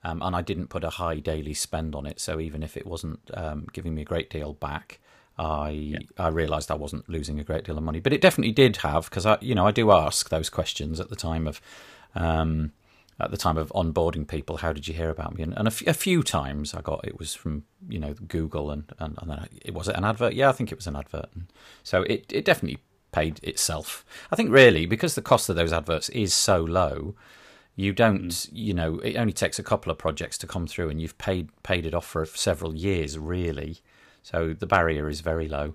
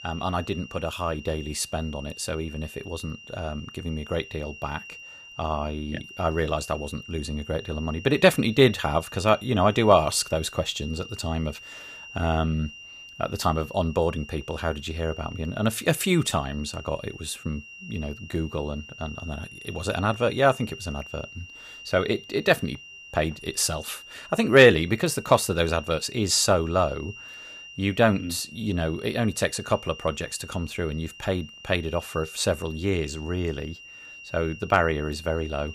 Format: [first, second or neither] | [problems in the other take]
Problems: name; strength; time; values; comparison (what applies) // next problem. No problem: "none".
first | high-pitched whine; noticeable; throughout; 3 kHz, 15 dB below the speech